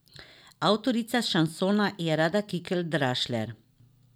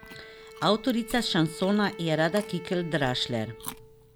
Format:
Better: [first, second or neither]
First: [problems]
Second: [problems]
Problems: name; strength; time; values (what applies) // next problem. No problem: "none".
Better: first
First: none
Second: background sound (Bowed string instrument + Chewing, mastication); 15 dB below the speech